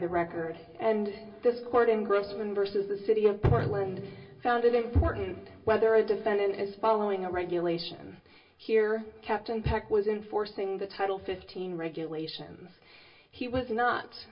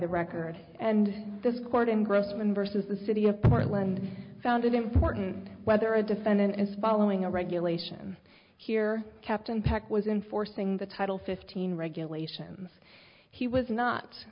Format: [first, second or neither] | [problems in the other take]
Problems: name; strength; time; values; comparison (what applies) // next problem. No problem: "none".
second | room echo; dies away in 0.2 s